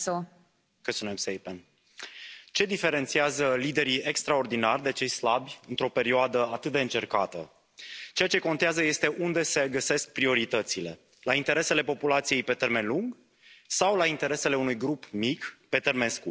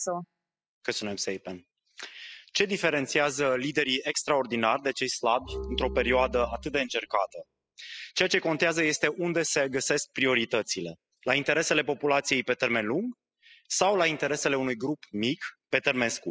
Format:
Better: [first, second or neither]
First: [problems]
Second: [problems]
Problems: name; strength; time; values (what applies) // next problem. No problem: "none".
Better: first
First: none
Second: noise reduction (classical method spectral subtraction)